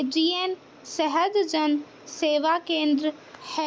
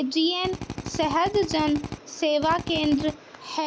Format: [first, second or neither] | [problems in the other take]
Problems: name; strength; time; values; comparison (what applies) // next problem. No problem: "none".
first | background sound (Drill); 9 dB below the speech